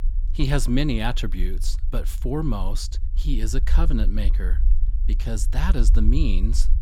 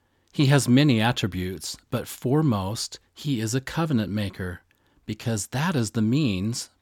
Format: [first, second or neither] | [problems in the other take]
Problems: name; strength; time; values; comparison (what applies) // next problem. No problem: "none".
second | low rumble; noticeable; throughout; 15 dB below the speech